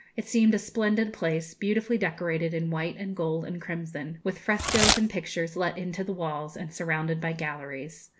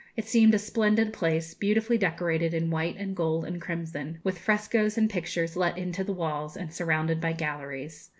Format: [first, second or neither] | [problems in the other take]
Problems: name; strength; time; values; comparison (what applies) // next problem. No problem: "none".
second | background sound (Packing tape, duct tape / Tearing); 2 dB below the speech